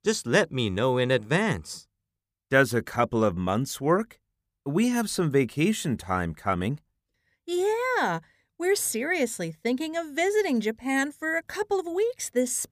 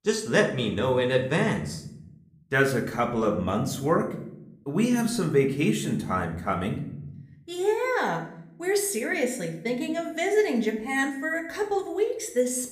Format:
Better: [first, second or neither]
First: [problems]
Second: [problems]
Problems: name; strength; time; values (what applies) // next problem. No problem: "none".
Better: first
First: none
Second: room echo; slight; dies away in 0.6 s // off-mic speech; somewhat distant